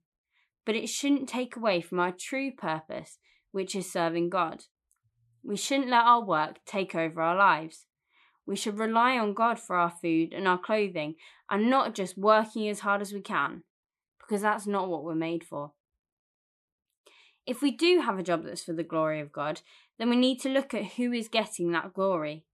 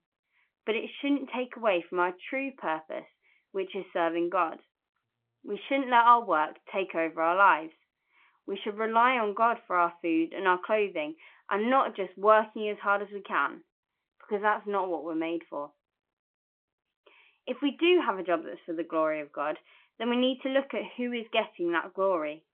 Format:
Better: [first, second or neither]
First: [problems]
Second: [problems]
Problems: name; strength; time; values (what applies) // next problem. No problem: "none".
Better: first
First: none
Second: phone-call audio; nothing above 3.5 kHz